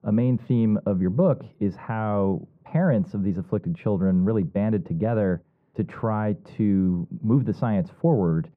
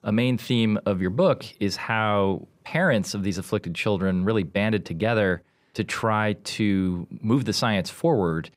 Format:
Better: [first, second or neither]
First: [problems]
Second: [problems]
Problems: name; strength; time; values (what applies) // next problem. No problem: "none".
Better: second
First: muffled; very; fading above 2 kHz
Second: none